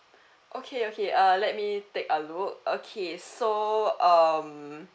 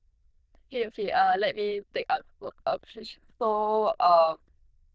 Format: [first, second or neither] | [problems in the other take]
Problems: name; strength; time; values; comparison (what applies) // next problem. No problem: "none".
first | noise reduction (neural diffusion model UNIVERSE++)